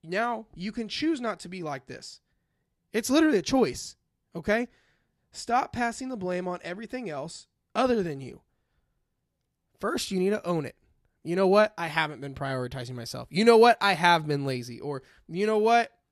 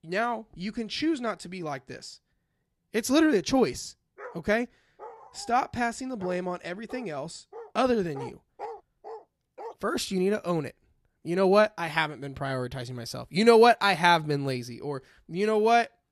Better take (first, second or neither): first